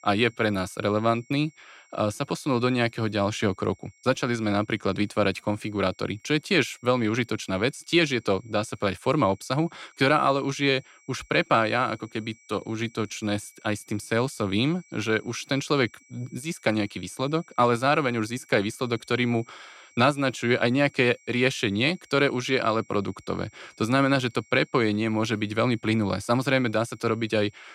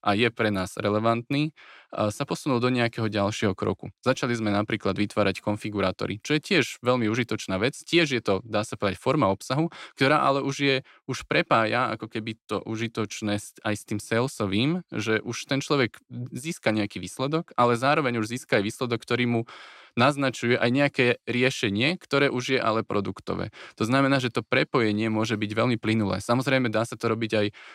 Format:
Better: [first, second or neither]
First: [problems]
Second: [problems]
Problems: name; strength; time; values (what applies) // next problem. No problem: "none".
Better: second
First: high-pitched whine; faint; throughout; 2.5 kHz, 30 dB below the speech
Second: none